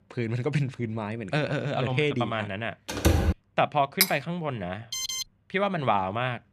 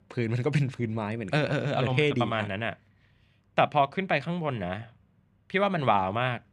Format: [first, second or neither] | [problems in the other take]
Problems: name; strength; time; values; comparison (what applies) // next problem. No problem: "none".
second | door banging; loud; at 3 s; peak 5 dB above the speech // clattering dishes; loud; at 4 s; peak 3 dB above the speech // alarm; noticeable; at 5 s; peak 1 dB below the speech